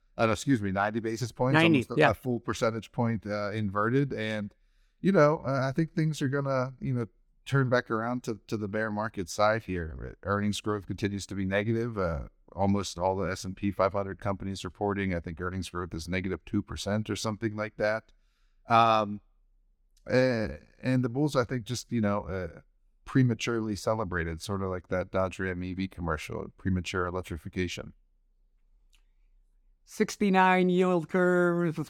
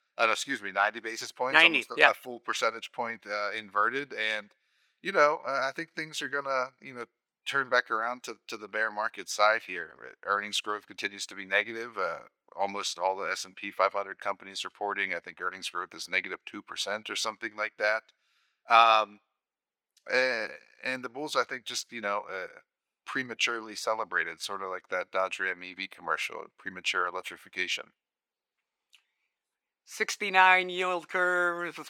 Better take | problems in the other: first | thin; very; fading below 600 Hz

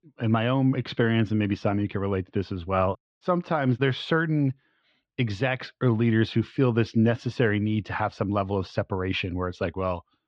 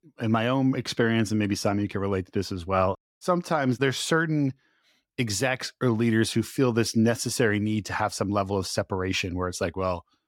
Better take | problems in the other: second | muffled; slightly; fading above 3.5 kHz

